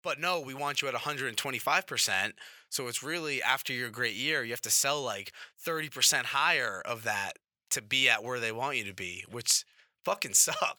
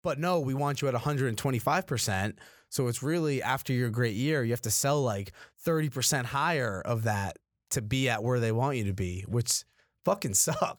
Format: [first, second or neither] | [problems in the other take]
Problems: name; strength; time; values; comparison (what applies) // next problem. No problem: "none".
second | thin; somewhat; fading below 1 kHz